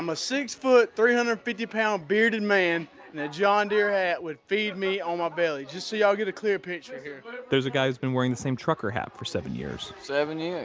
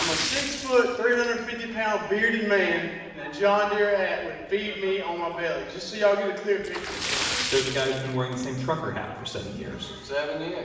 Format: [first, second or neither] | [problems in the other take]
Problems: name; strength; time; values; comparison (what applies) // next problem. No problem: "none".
first | background sound (Splash, splatter); 10 dB below the speech // room echo; dies away in 1.2 s